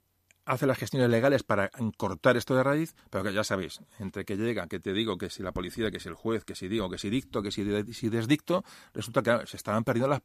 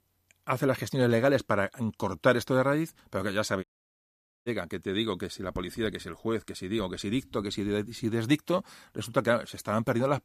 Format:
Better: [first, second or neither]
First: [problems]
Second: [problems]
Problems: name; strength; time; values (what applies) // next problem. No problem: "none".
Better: first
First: none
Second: audio cutting out; at 3.5 s for 1 s